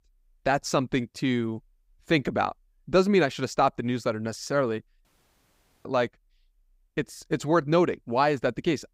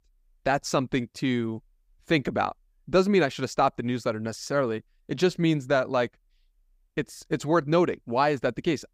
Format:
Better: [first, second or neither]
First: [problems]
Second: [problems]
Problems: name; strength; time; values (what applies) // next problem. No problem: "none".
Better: second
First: audio cutting out; at 5 s for 1 s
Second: none